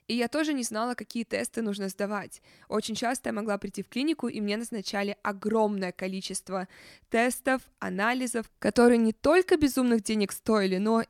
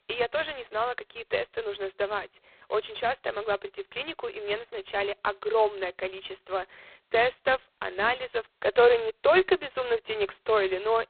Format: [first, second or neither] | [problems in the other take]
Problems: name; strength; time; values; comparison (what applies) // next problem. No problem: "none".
first | phone-call audio; poor line; nothing above 4 kHz